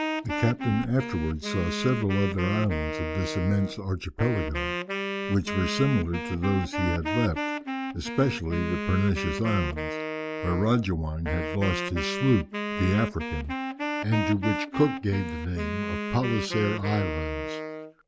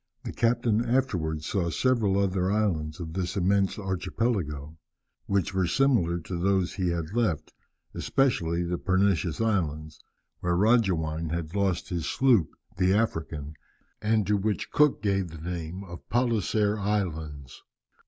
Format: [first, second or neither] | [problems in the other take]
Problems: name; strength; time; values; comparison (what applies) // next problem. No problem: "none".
second | background sound (Wind instrument, woodwind instrument); 4 dB below the speech